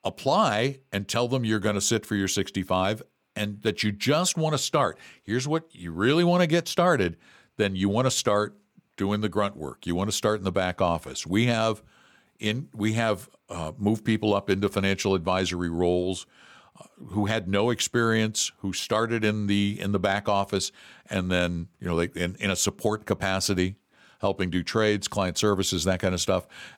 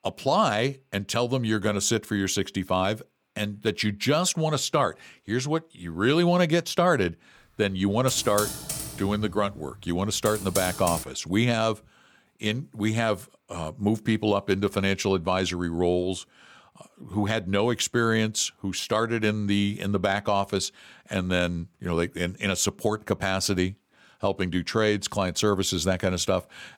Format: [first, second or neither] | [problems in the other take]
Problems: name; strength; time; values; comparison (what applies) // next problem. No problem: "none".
first | keyboard typing; noticeable; from 8 to 11 s; peak 4 dB below the speech